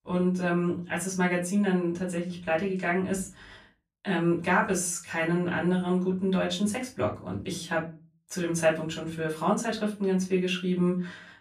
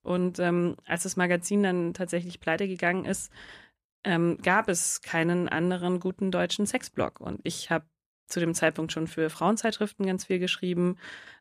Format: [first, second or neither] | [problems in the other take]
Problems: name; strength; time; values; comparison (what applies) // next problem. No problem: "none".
second | off-mic speech; far // room echo; very slight; dies away in 0.3 s